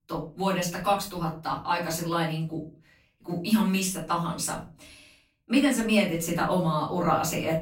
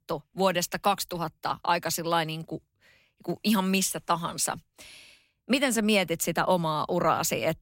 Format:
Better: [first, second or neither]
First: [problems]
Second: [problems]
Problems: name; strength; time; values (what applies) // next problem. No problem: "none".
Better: second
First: off-mic speech; far // room echo; slight; dies away in 0.3 s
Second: none